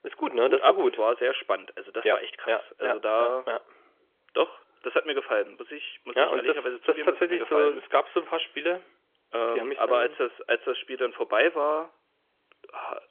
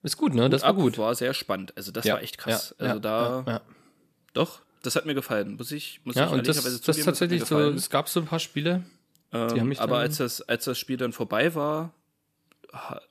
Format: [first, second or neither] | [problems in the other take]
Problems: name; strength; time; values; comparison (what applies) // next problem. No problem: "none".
second | phone-call audio; nothing above 3.5 kHz